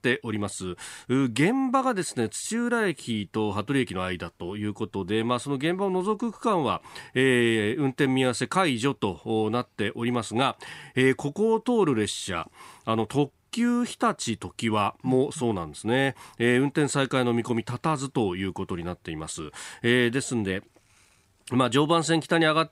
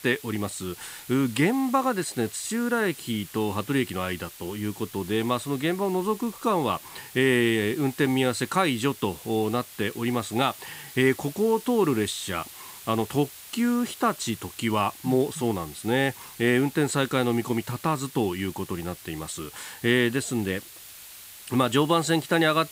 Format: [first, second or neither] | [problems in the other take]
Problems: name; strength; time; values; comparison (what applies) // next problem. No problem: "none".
first | hiss; noticeable; throughout; 15 dB below the speech